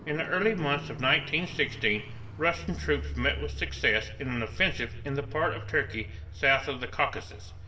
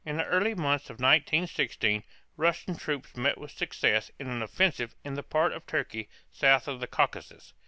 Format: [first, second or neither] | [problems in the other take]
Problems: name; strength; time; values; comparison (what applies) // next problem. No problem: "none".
second | background sound (Car); 10 dB below the speech // room echo; dies away in 1.6 s